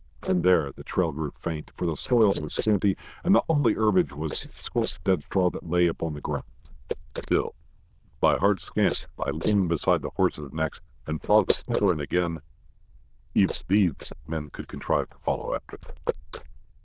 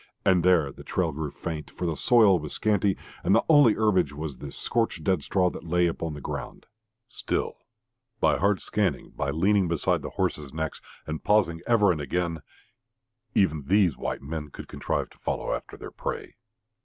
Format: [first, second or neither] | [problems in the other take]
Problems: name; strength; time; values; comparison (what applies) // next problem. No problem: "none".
second | noise reduction (neural diffusion model UNIVERSE++)